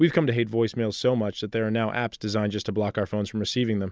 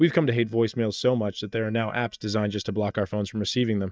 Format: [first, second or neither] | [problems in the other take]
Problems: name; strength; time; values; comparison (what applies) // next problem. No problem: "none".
first | noise reduction (neural mask model DeepFilterNet 3)